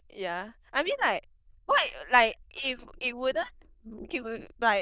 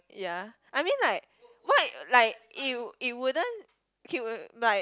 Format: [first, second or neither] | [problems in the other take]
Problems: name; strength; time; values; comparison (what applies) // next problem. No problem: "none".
second | noise reduction (neural diffusion model UNIVERSE++)